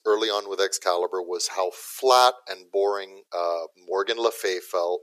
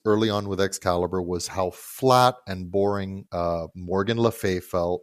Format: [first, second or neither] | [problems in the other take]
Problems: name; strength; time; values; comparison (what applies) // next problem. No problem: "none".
second | thin; very; fading below 400 Hz